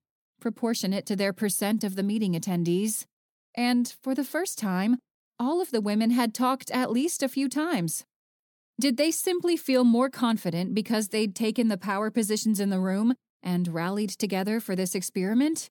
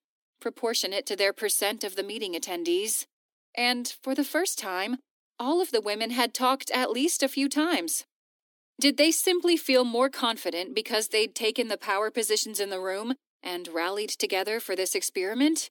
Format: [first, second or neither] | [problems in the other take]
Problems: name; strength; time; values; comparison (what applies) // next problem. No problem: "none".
first | thin; somewhat; fading below 300 Hz